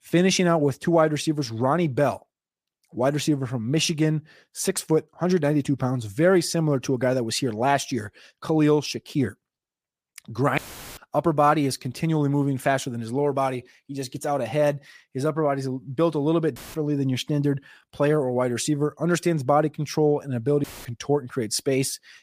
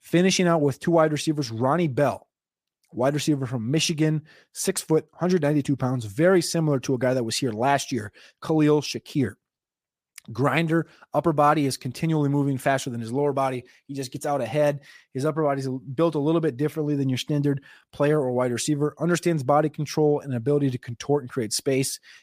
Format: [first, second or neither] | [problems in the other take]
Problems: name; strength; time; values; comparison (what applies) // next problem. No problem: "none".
second | audio cutting out; filled with static; at 11 s, at 17 s and at 21 s